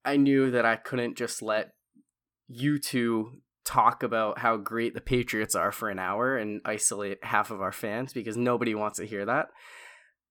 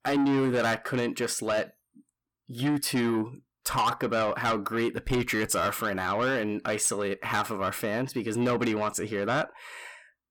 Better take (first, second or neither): first